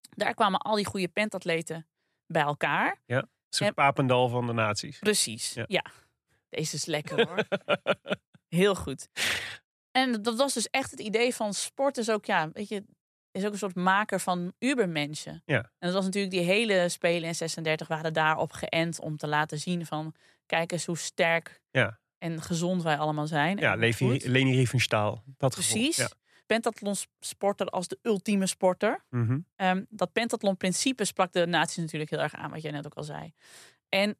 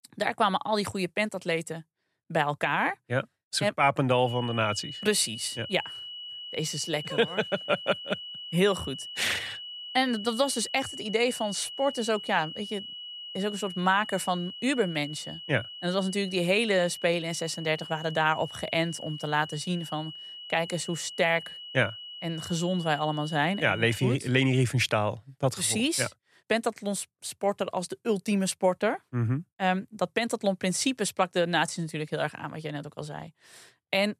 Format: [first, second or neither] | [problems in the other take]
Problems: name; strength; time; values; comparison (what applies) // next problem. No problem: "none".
first | high-pitched whine; noticeable; from 4.5 to 24 s; 3 kHz, 10 dB below the speech